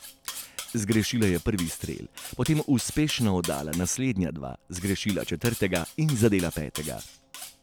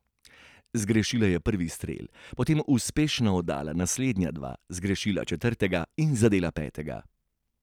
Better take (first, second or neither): second